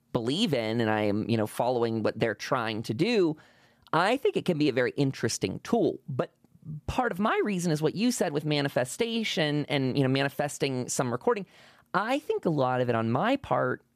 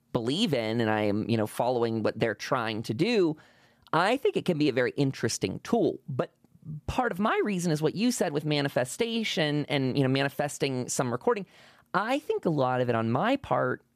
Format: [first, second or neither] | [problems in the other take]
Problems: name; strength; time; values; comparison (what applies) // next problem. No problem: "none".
neither | none